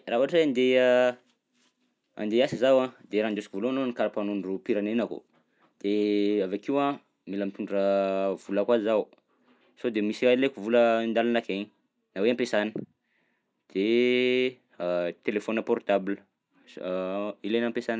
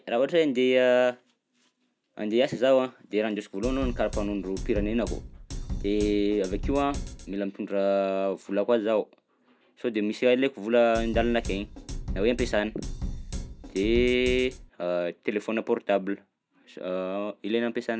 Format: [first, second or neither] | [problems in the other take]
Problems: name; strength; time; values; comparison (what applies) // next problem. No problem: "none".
first | background sound (Drum kit); 7 dB below the speech